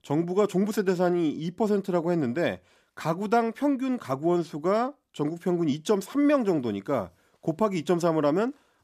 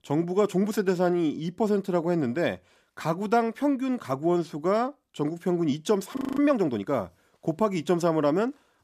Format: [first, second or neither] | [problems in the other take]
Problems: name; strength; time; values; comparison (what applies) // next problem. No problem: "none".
first | audio freezing; at 6 s